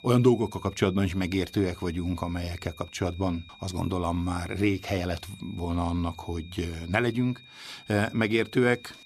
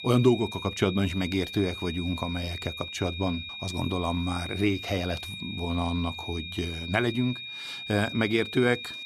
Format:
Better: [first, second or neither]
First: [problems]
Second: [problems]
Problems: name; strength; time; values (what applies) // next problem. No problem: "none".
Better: first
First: high-pitched whine; faint; throughout; 3.5 kHz, 20 dB below the speech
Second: high-pitched whine; loud; throughout; 3.5 kHz, 8 dB below the speech